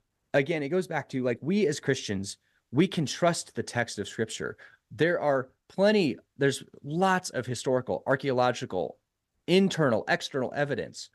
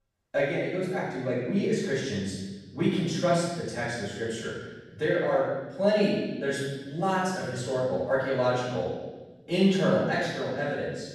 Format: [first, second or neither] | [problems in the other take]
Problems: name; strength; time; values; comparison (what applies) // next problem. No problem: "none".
first | off-mic speech; far // room echo; strong; dies away in 1.2 s